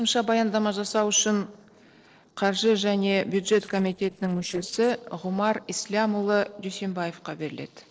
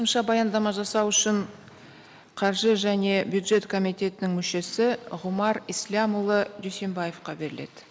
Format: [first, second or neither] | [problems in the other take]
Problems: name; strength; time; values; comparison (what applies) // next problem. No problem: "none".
second | noise reduction (neural separator model SepFormer DNS4)